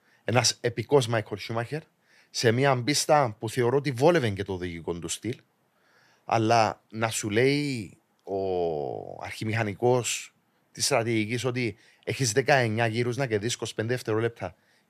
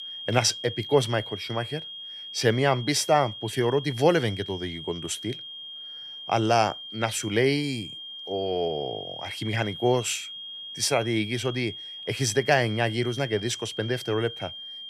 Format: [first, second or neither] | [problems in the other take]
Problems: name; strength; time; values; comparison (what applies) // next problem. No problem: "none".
first | high-pitched whine; noticeable; throughout; 3 kHz, 10 dB below the speech